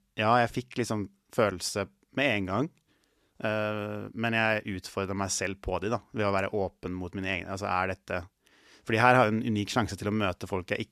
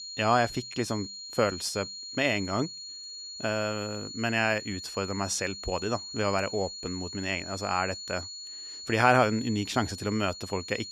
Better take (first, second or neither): first